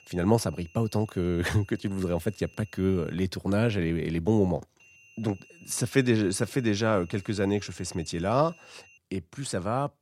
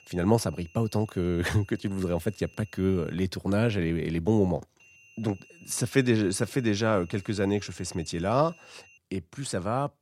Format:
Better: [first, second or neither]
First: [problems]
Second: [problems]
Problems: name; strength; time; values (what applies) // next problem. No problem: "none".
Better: neither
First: high-pitched whine; faint; until 3 s and from 5 to 9 s; 3 kHz, 25 dB below the speech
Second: high-pitched whine; faint; until 3 s and from 5 to 9 s; 3 kHz, 25 dB below the speech